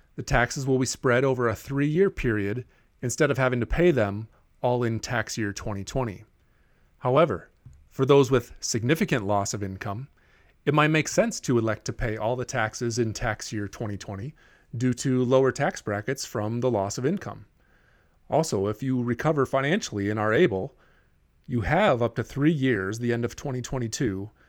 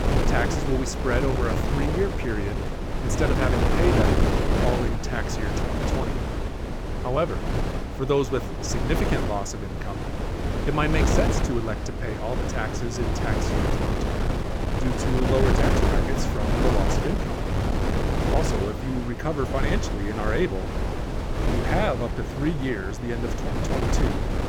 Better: first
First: none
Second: wind noise on the microphone; heavy; as loud as the speech

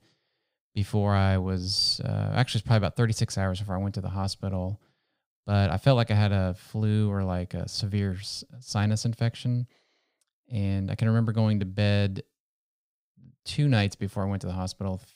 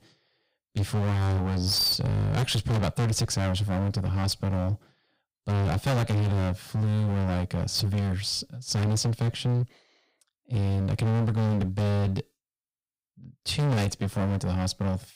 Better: first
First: none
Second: distortion; heavy; 25% of the sound clipped

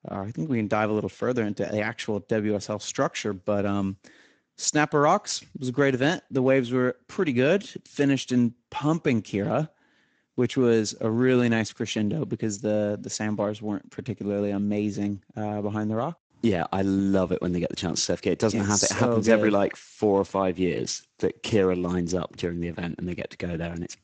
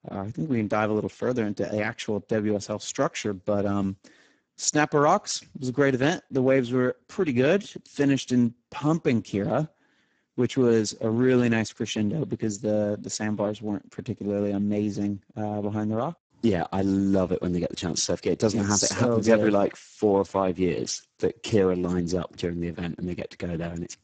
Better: first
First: garbled, watery; slightly; nothing above 7.5 kHz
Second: garbled, watery; badly; nothing above 7.5 kHz

